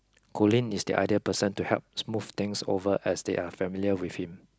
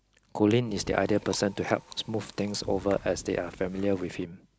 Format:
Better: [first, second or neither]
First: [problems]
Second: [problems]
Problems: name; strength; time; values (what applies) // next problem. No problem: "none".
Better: first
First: none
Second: background sound (Chewing, mastication); 17 dB below the speech